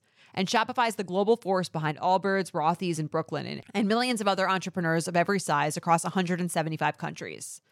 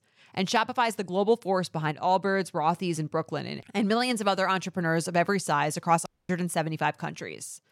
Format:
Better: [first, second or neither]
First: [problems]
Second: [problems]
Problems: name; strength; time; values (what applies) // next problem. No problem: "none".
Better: first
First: none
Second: audio cutting out; at 6 s